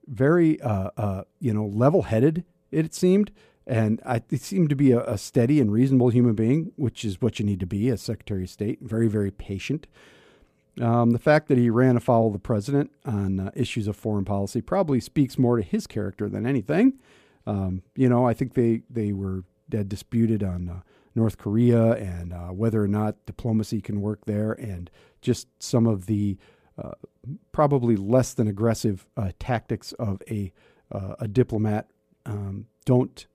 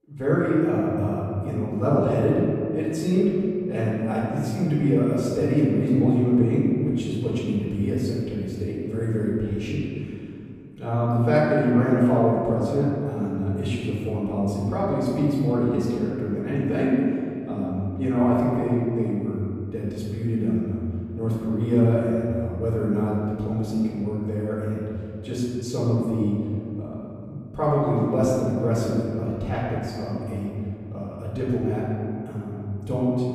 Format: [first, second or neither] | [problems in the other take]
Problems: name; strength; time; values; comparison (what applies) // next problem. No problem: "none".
first | off-mic speech; far // room echo; strong; dies away in 2.3 s